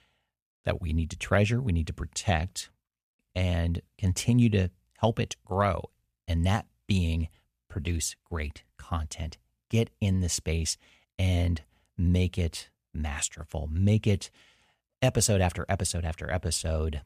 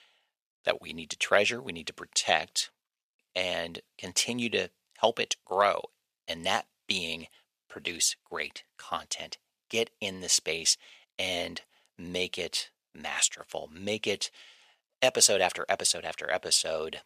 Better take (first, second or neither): first